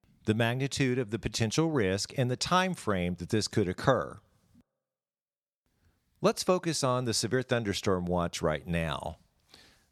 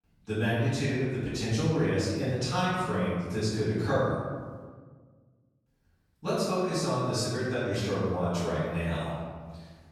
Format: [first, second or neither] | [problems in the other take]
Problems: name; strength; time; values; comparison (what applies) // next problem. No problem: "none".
first | off-mic speech; far // room echo; strong; dies away in 1.6 s